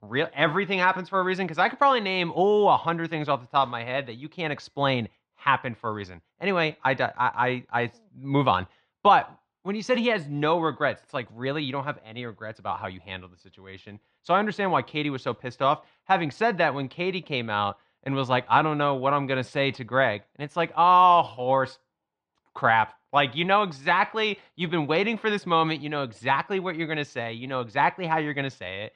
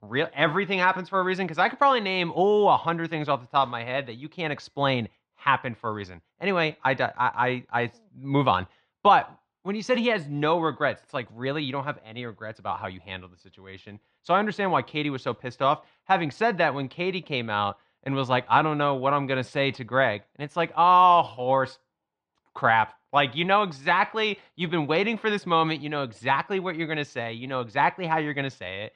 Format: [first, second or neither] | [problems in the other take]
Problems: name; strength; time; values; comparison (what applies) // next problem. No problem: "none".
neither | muffled; slightly; fading above 4 kHz; the same in both